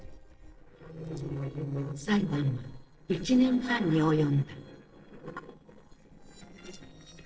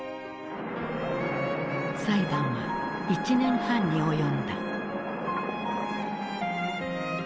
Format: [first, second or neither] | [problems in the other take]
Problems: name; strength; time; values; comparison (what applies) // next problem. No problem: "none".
second | noise reduction (neural separator model SepFormer DNS4)